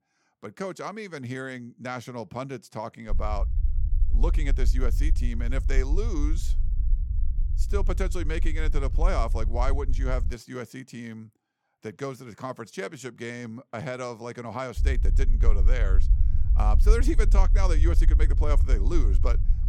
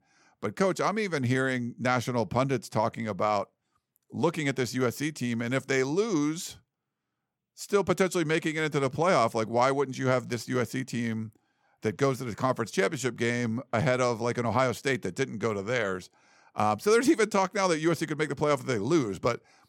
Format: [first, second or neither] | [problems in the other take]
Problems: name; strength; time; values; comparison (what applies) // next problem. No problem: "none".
second | low rumble; noticeable; from 3 to 10 s and from 15 s on; 15 dB below the speech